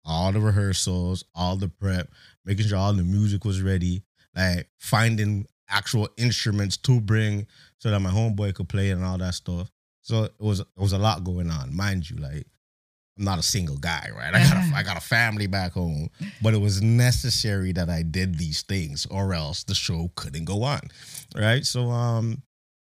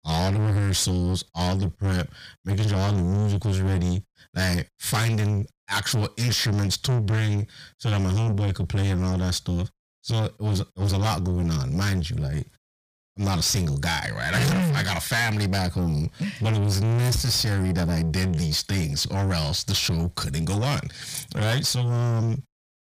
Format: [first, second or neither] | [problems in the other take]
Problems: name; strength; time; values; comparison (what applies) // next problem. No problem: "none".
first | distortion; heavy; 7 dB below the speech